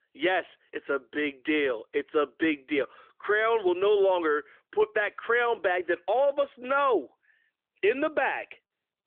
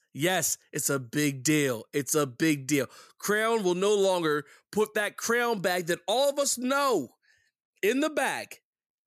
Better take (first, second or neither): second